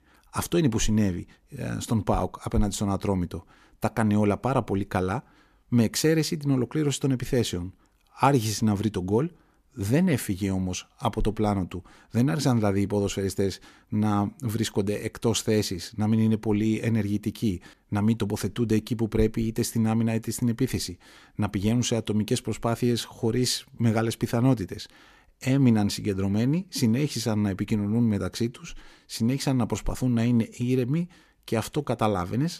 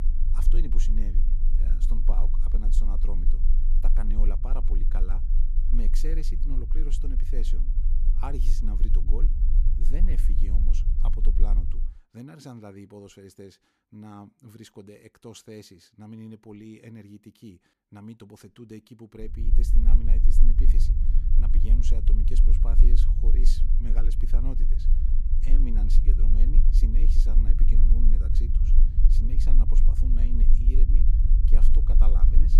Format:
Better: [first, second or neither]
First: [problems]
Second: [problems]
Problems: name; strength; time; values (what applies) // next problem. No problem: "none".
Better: first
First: none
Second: low rumble; loud; until 12 s and from 19 s on; 3 dB below the speech